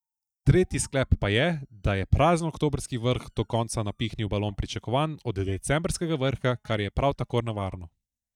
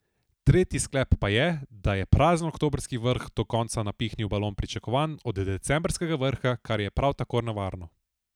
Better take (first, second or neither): second